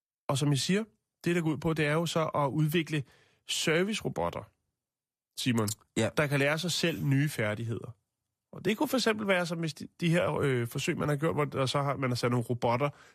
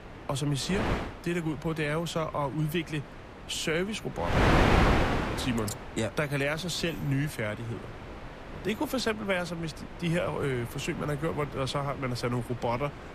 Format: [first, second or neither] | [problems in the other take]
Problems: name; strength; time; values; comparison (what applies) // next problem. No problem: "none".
first | wind noise on the microphone; heavy; as loud as the speech